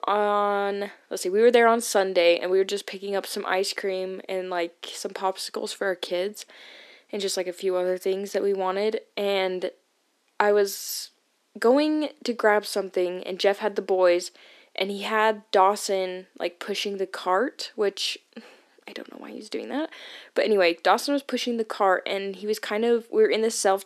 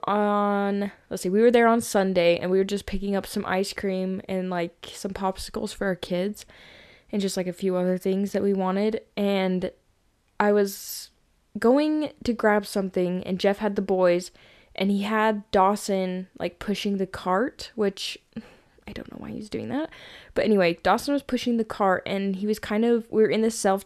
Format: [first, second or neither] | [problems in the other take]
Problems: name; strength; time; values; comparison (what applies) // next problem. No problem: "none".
second | thin; somewhat; fading below 250 Hz